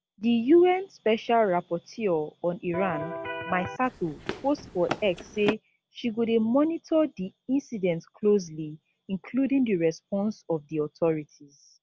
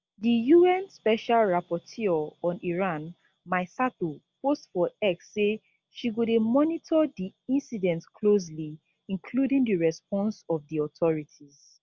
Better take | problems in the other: second | background sound (Electric guitar + Run); 8 dB below the speech

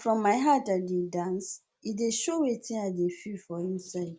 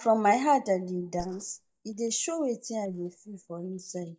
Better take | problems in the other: first | noise reduction (neural mask model DeepFilterNet 3)

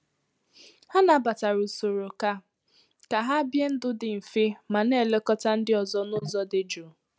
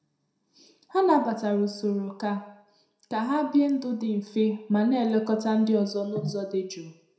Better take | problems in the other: first | room echo; dies away in 0.5 s

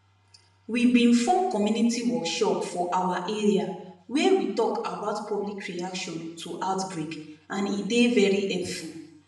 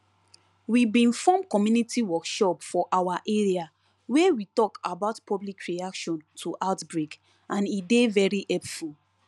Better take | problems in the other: second | room echo; dies away in 0.7 s

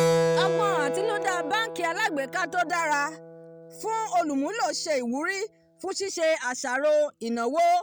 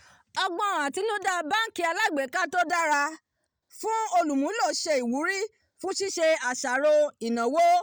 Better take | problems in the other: second | background sound (Keyboard (musical)); 4 dB below the speech

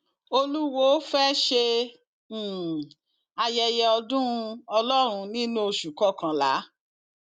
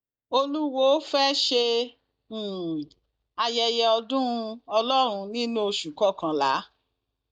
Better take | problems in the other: first | noise reduction (neural mask model DeepFilterNet 3)

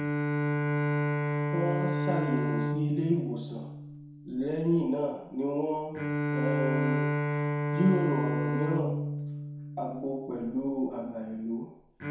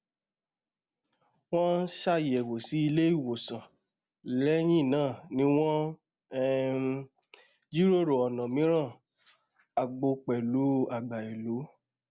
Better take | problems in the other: second | background sound (Bowed string instrument); 1 dB above the speech // room echo; dies away in 0.7 s

